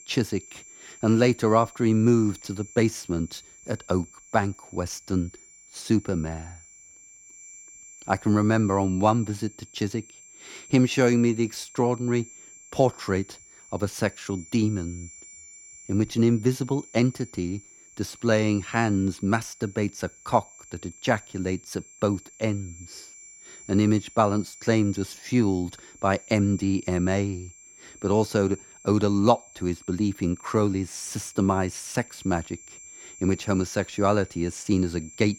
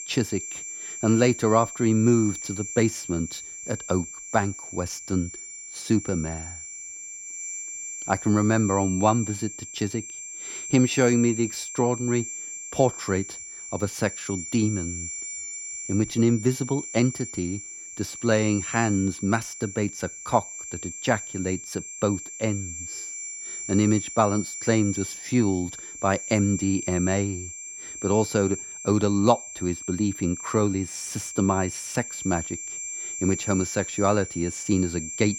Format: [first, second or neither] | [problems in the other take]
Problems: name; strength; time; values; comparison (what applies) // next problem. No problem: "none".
first | high-pitched whine; loud; throughout; 7.5 kHz, 8 dB below the speech; faint in the first